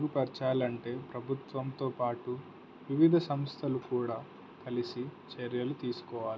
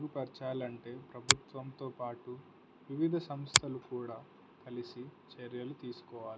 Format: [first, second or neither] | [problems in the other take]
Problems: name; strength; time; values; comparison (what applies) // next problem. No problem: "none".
first | background sound (Finger snapping); 5 dB above the speech